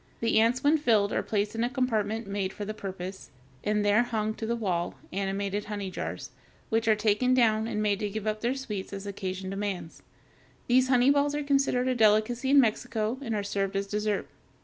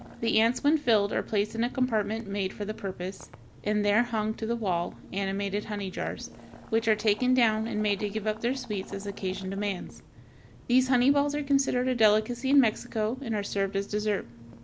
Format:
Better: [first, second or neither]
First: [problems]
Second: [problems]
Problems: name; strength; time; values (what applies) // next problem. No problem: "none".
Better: first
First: none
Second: background sound (Boiling + Brass instrument); 18 dB below the speech